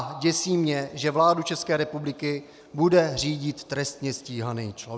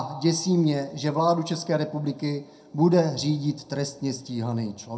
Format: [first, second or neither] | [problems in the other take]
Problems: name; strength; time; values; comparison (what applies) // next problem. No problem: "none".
first | room echo; dies away in 0.2 s